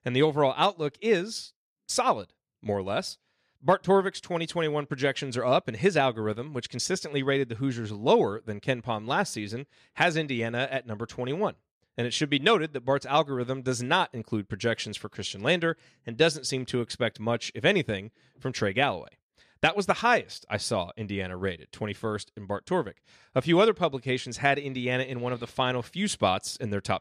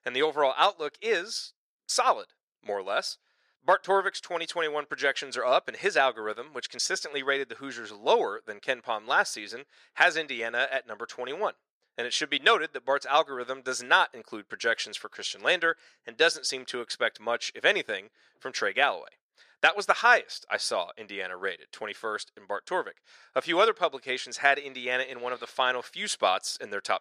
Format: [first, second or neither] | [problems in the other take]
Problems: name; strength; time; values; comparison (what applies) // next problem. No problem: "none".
first | thin; very; fading below 550 Hz